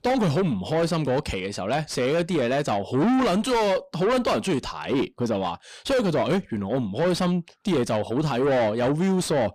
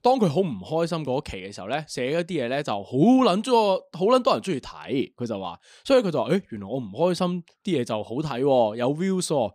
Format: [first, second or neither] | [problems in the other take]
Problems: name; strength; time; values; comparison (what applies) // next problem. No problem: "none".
second | distortion; heavy; 5 dB below the speech